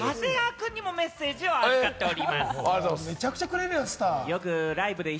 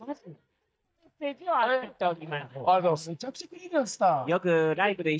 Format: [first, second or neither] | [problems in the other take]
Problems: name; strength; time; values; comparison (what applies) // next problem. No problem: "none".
first | noise reduction (neural mask model DeepFilterNet 3)